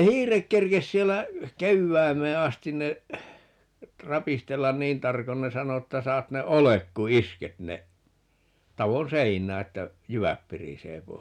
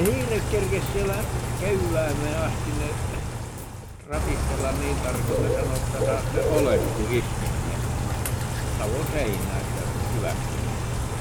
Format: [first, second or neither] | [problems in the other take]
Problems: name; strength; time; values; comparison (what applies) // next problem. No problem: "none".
first | background sound (Bird / Rain); 4 dB above the speech